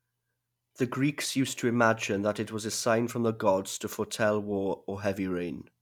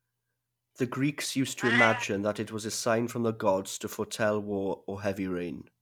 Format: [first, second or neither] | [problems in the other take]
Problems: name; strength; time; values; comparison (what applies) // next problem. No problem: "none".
first | background sound (Meow); 8 dB below the speech